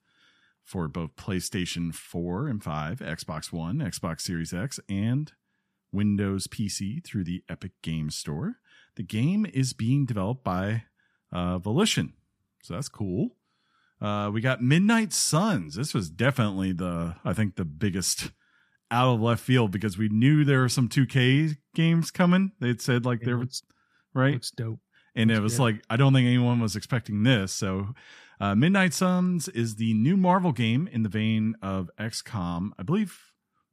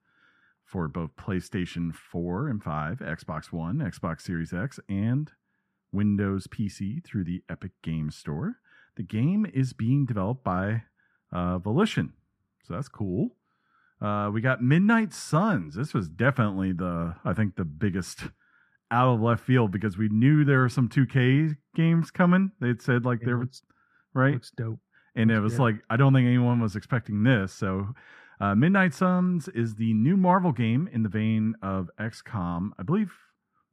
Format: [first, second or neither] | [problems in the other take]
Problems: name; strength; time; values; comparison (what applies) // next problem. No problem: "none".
first | muffled; slightly; fading above 2.5 kHz